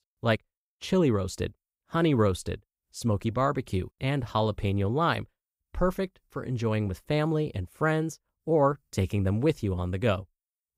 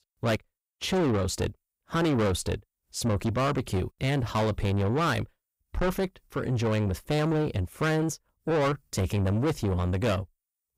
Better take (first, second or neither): first